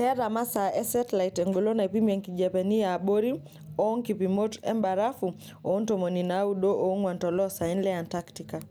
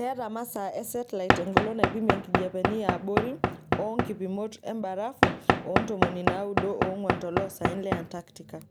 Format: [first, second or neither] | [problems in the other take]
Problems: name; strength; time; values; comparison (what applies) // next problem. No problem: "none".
first | background sound (Knock / Wood); 4 dB above the speech